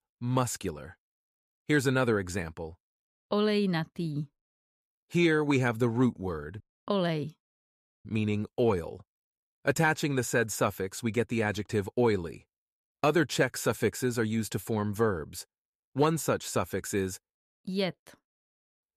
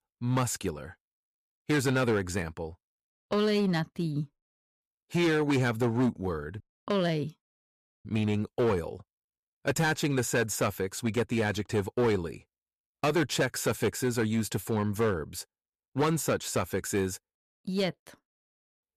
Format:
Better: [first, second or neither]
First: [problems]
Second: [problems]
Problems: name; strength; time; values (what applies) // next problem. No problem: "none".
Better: first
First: none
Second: distortion; slight; 6% of the sound clipped